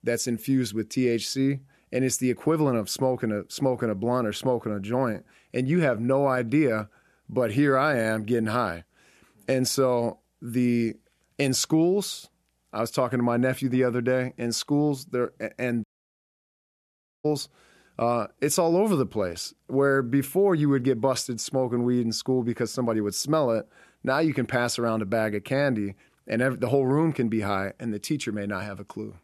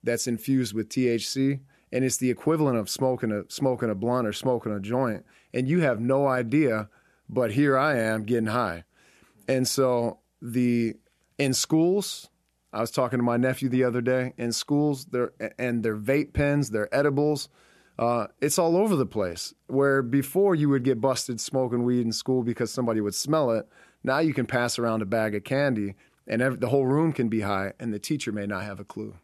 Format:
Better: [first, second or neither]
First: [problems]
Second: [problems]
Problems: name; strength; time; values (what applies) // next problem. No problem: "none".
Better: second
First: audio cutting out; at 16 s for 1.5 s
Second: none